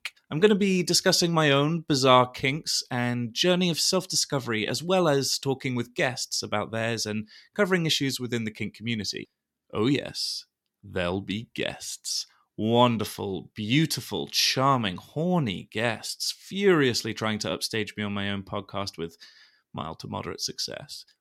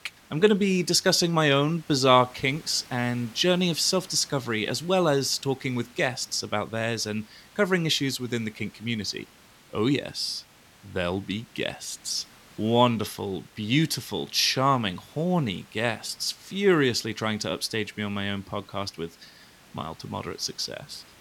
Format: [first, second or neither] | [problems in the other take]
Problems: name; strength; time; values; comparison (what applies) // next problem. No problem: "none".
first | hiss; faint; throughout; 25 dB below the speech